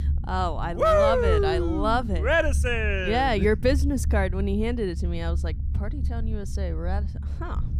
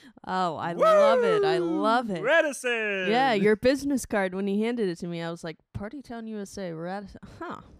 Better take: second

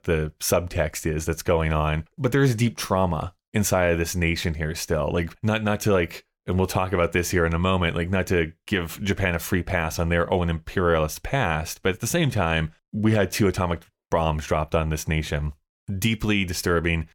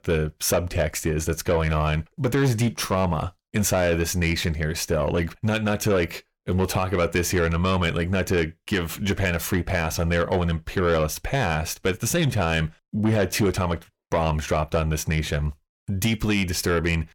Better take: first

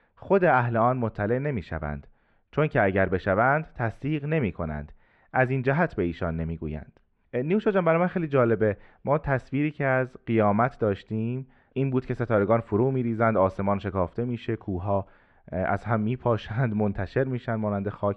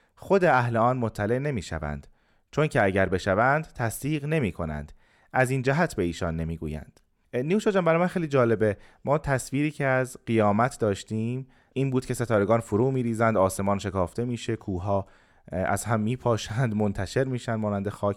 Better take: second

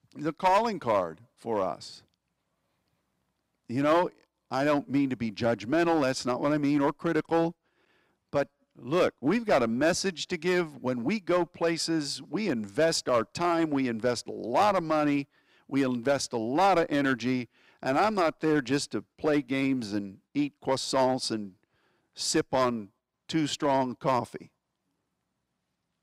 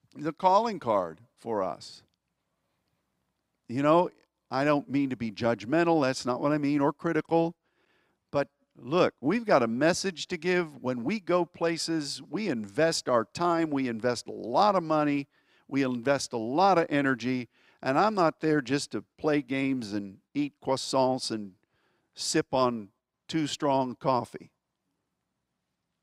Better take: second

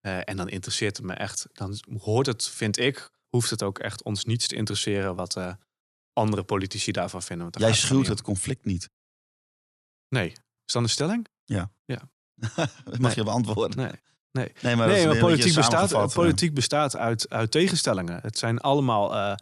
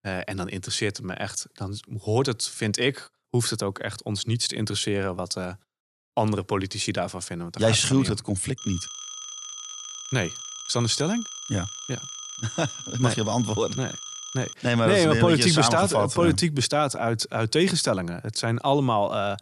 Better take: first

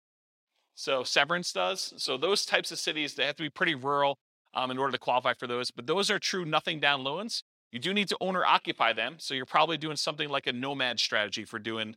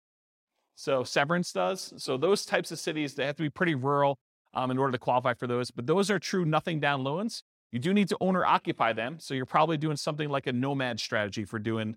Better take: second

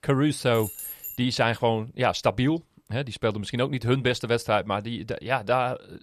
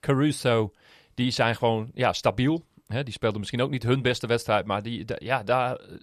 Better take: second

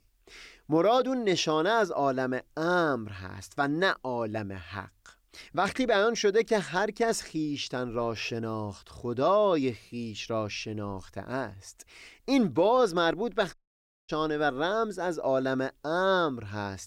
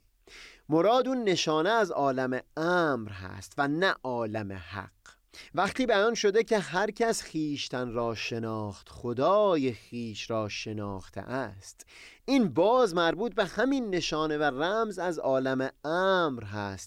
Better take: second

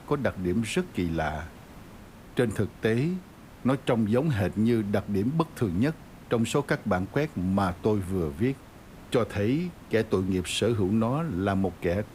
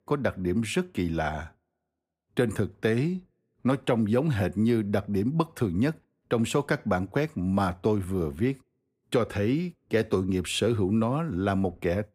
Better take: second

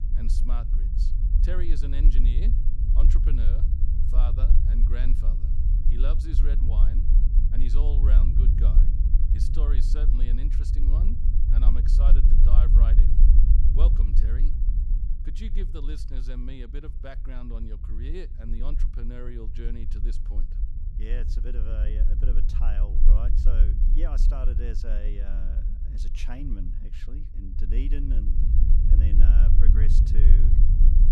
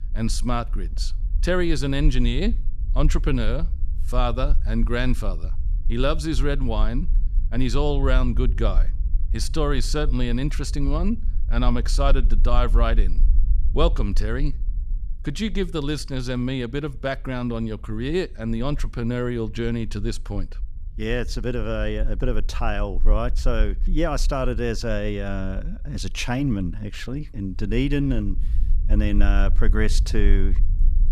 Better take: second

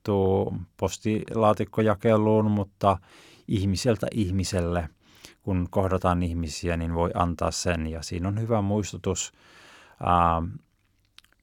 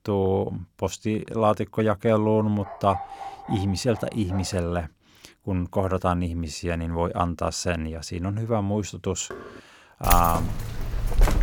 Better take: first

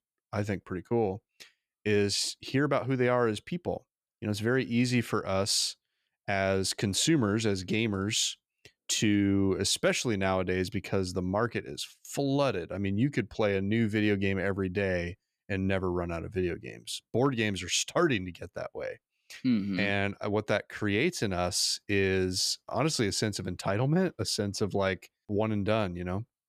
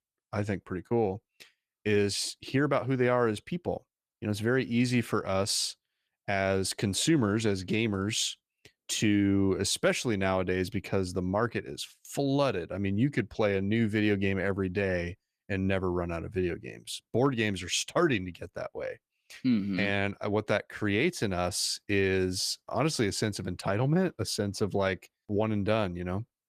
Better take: first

